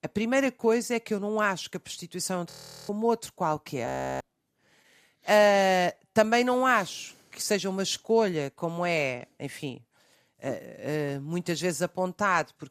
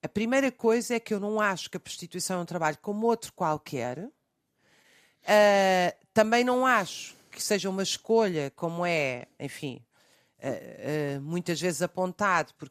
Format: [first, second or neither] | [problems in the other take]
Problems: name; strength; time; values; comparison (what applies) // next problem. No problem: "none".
second | audio freezing; at 2.5 s and at 4 s